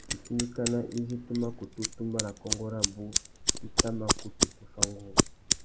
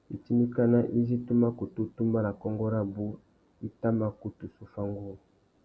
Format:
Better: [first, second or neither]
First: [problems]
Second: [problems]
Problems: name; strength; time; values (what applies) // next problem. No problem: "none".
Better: second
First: background sound (Scissors); 4 dB above the speech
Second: none